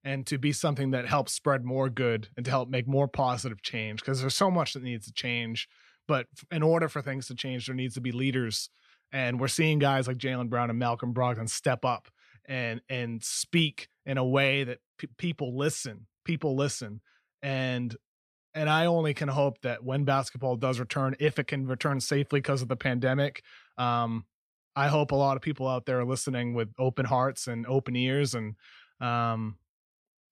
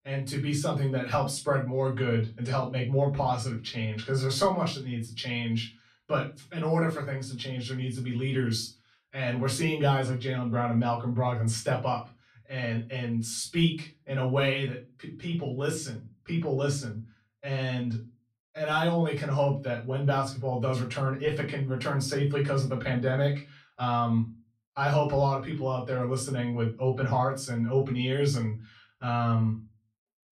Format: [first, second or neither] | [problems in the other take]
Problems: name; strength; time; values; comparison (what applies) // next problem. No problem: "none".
first | off-mic speech; far // room echo; very slight; dies away in 0.3 s